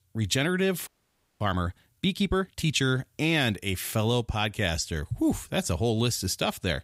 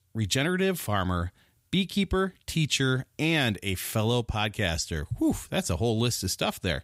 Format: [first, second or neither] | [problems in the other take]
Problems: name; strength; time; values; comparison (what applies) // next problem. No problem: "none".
second | audio freezing; at 1 s for 0.5 s